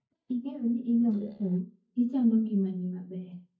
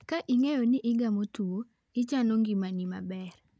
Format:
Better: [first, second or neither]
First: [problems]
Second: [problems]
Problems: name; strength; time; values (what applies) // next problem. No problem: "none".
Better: second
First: noise reduction (neural mask model DeepFilterNet 3)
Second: none